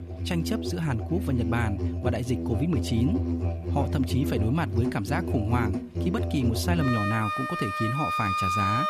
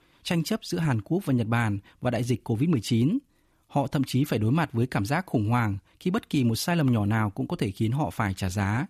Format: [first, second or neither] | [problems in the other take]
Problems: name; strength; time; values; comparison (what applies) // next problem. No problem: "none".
second | background music; loud; throughout; 1 dB below the speech